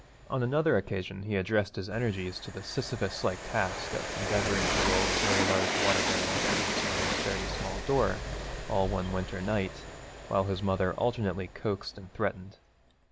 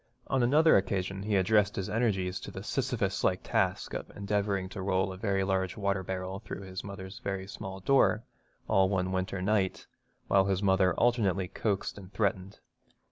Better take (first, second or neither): second